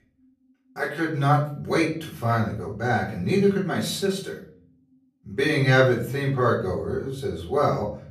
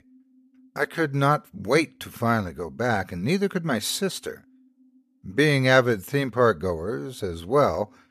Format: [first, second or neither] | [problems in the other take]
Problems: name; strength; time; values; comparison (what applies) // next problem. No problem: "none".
second | room echo; slight; dies away in 0.6 s // off-mic speech; far